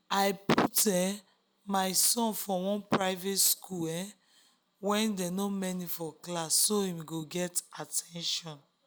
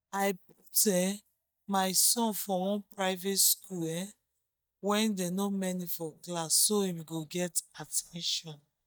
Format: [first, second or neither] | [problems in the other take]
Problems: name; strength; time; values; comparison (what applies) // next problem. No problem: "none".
first | noise reduction (neural mask model DeepFilterNet 3)